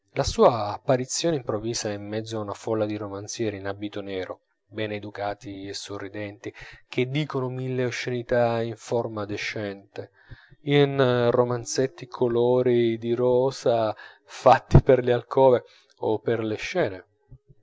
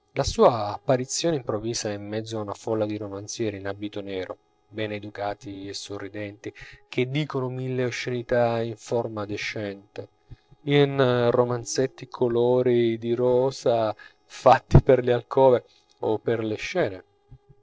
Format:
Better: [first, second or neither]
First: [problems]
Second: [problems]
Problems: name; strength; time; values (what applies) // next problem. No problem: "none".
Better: first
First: none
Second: noise reduction (neural separator model SepFormer DNS4)